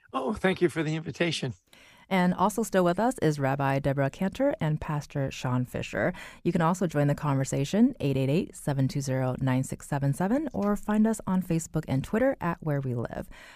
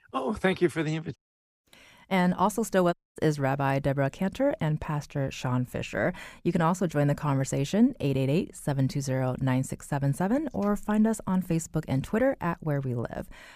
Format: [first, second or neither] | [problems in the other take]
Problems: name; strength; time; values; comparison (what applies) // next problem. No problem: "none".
first | audio cutting out; at 1 s and at 3 s